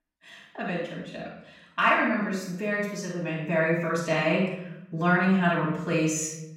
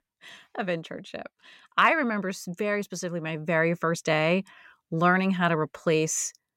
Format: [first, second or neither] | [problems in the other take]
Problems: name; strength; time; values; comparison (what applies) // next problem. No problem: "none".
second | off-mic speech; far // room echo; noticeable; dies away in 0.8 s